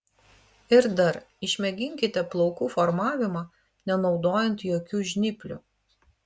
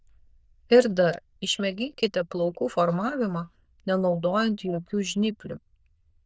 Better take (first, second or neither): first